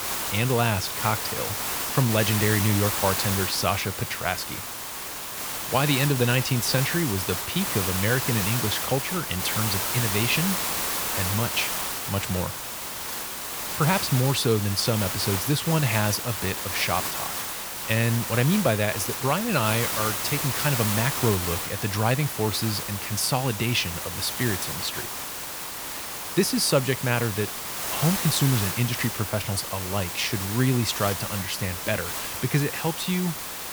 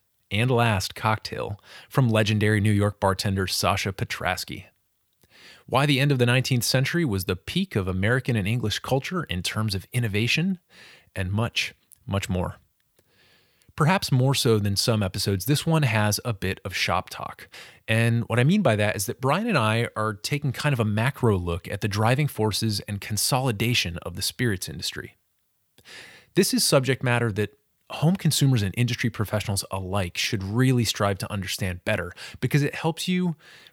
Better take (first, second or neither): second